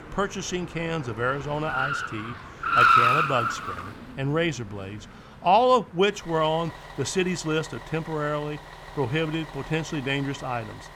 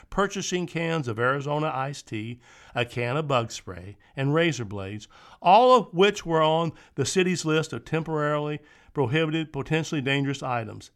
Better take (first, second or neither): second